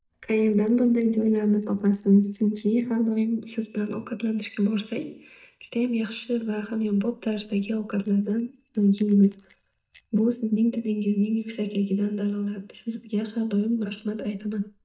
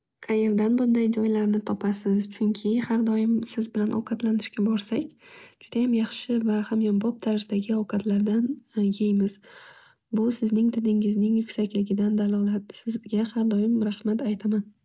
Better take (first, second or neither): second